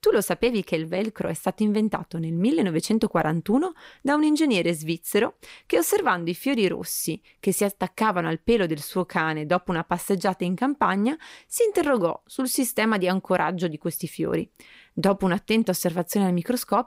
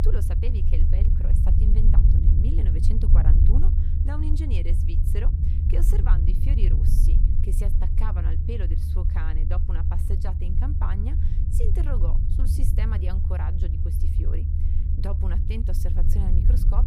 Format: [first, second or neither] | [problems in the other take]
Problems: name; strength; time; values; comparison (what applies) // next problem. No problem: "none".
first | low rumble; loud; throughout; as loud as the speech